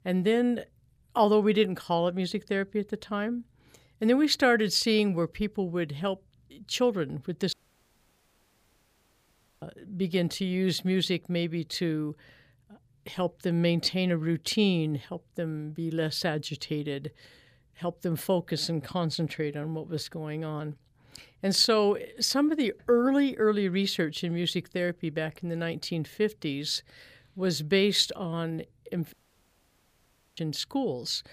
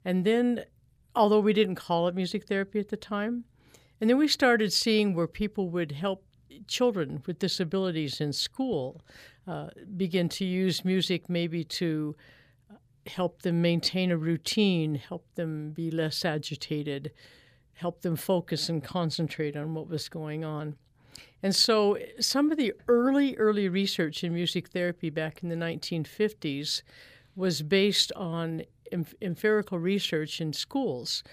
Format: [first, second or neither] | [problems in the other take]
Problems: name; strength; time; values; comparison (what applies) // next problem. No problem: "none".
second | audio cutting out; at 7.5 s for 2 s and at 29 s for 1 s